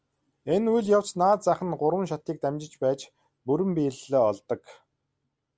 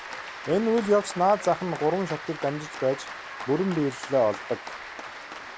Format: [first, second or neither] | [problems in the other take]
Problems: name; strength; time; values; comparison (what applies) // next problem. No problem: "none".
first | background sound (Applause); 12 dB below the speech